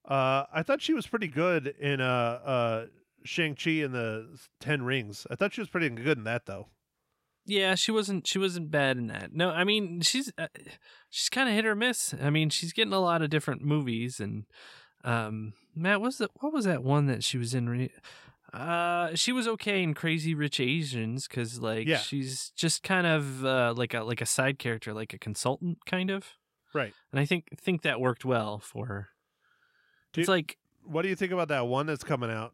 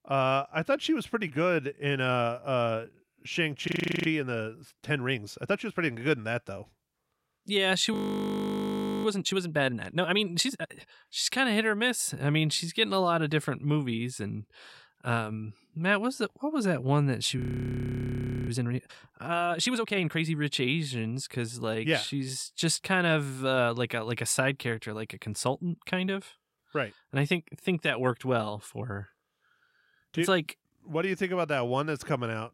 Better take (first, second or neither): first